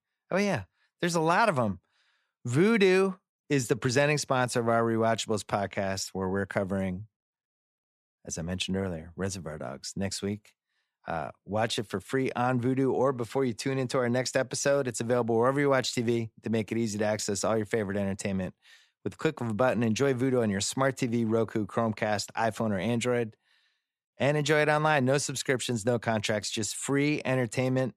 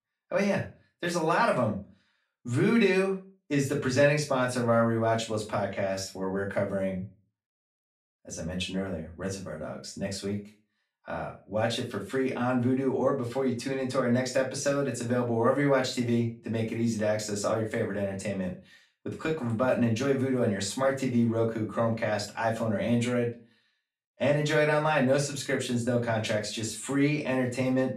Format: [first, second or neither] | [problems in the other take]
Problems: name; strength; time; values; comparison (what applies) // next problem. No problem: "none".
first | off-mic speech; far // room echo; slight; dies away in 0.3 s